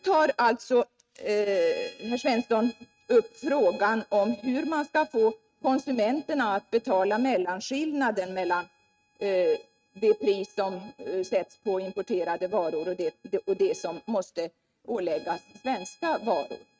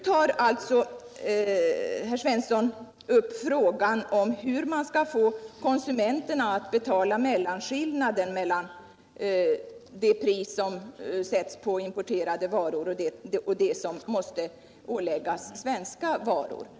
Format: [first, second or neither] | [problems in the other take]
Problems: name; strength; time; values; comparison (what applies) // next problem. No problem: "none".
second | noise reduction (neural mask model RNNoise)